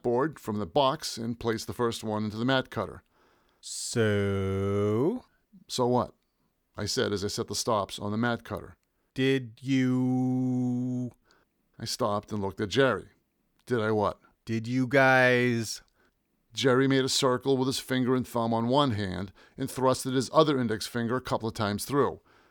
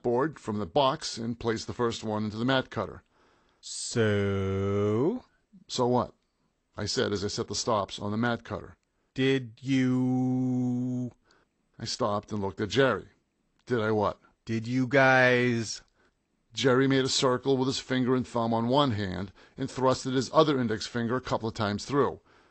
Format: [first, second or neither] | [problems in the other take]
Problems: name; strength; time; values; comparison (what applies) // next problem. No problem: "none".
first | garbled, watery; slightly; nothing above 8.5 kHz